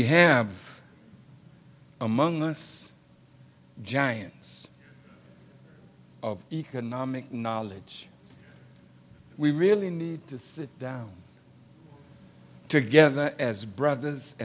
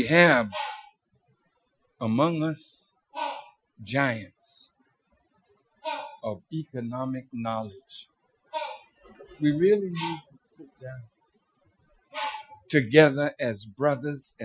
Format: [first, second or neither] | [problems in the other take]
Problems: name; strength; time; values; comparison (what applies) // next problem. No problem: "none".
first | noise reduction (classical method Wiener filter)